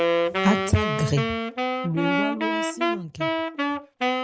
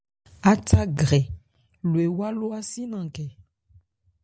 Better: second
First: background sound (Wind instrument, woodwind instrument); 3 dB above the speech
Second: none

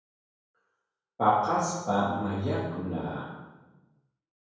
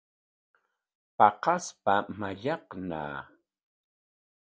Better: second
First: room echo; dies away in 1 s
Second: none

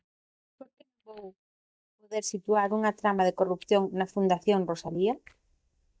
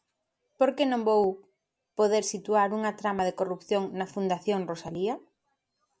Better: second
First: noise reduction (neural mask model DeepFilterNet 3)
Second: none

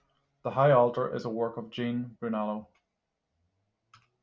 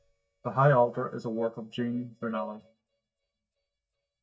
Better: first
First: none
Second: noise reduction (neural mask model DeepFilterNet 3)

